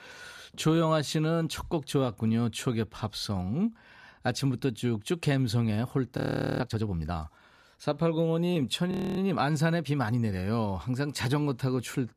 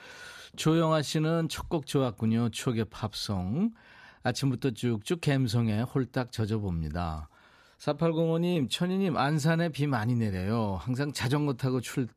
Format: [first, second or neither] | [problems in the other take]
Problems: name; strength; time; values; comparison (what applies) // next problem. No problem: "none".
second | audio freezing; at 6 s and at 9 s